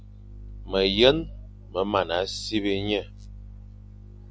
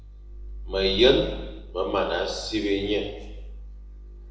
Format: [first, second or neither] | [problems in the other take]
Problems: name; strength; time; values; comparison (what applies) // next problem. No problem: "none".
first | room echo; dies away in 0.9 s